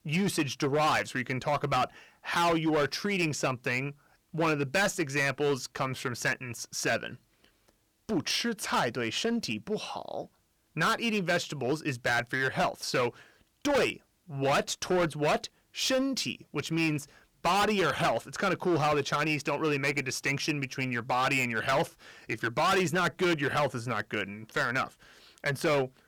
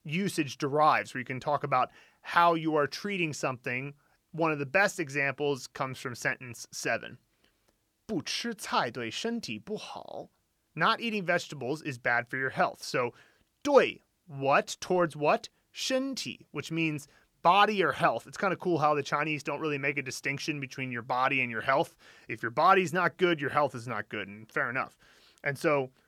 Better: second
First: distortion; heavy; 10% of the sound clipped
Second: none

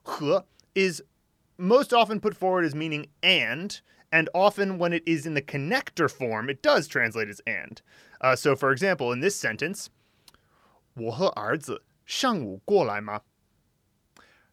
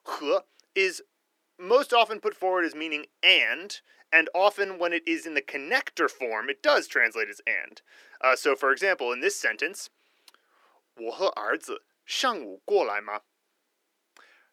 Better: first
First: none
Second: thin; somewhat; fading below 300 Hz

